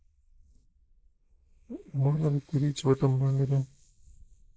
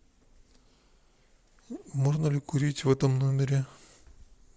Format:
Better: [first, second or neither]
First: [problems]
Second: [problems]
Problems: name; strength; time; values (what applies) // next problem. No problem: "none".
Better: second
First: noise reduction (neural mask model Resemble Enhance denoiser)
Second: none